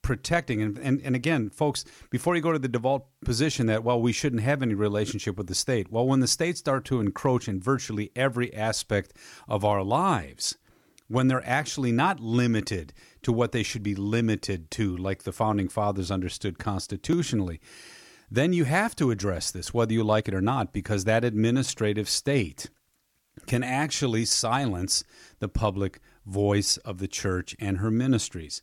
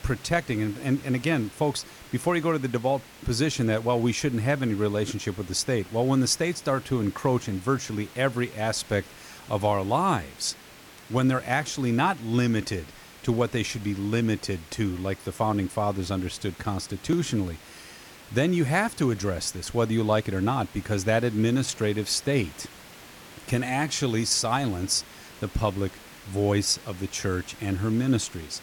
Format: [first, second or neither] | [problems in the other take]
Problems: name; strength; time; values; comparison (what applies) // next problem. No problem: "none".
first | hiss; noticeable; throughout; 20 dB below the speech